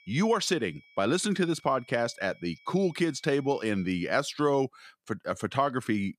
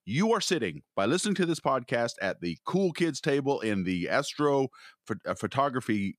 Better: second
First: high-pitched whine; faint; until 4 s; 2.5 kHz, 30 dB below the speech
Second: none

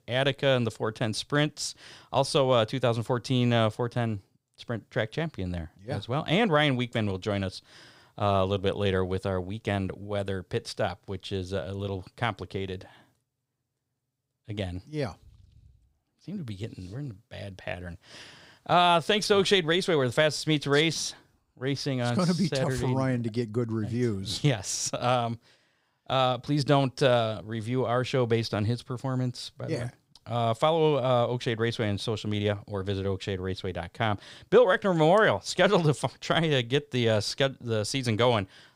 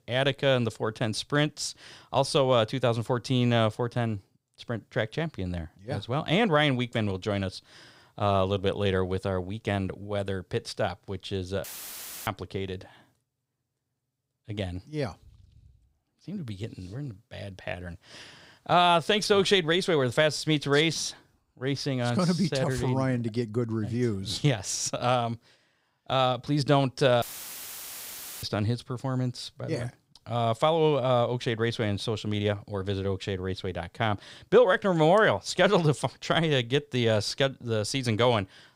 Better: first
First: none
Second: audio cutting out; filled with static; at 12 s for 0.5 s and at 27 s for 1 s

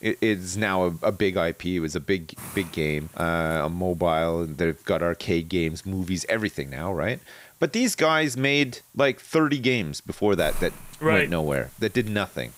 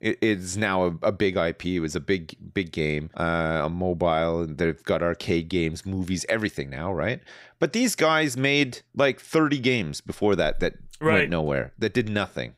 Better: second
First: hiss; faint; throughout; 20 dB below the speech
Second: none

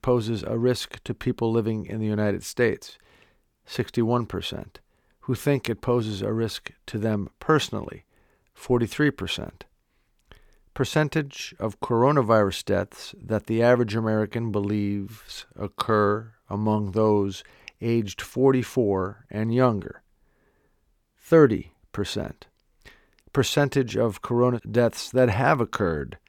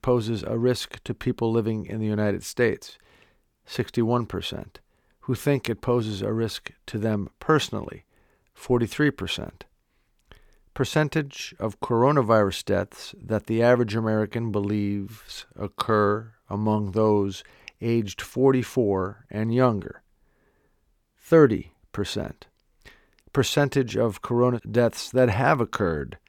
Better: neither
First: none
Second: none

